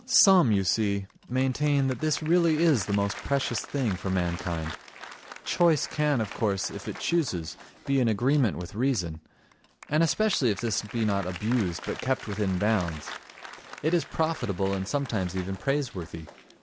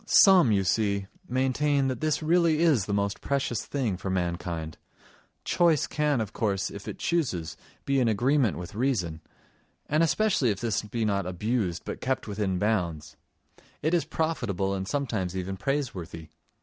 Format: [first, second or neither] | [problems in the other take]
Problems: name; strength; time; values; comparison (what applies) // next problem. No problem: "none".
second | background sound (Applause); 17 dB below the speech